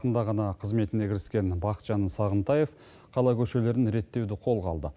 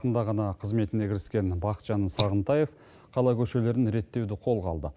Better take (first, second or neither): first